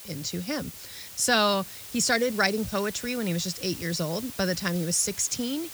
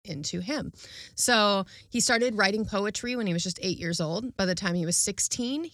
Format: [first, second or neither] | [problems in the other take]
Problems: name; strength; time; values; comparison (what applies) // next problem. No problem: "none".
second | hiss; noticeable; throughout; 10 dB below the speech